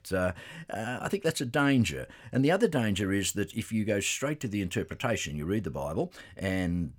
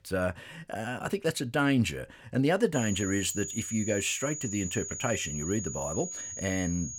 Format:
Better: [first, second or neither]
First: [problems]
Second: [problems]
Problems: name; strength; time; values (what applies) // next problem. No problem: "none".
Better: first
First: none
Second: high-pitched whine; loud; from 2.5 s on; 7 kHz, 6 dB below the speech